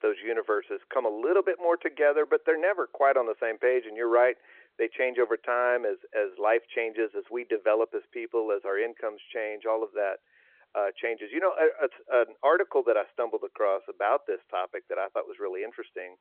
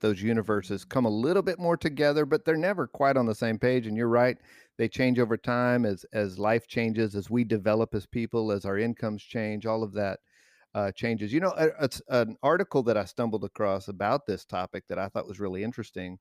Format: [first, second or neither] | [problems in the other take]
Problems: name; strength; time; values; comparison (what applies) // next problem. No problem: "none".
second | phone-call audio